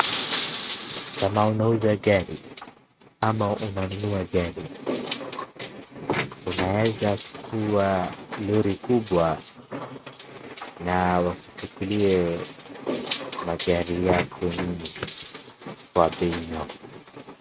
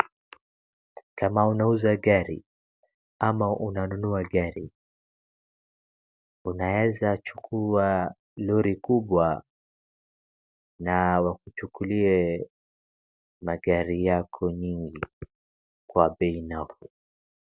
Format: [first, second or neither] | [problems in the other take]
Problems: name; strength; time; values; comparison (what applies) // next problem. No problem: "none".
second | noise reduction (neural mask model RNNoise)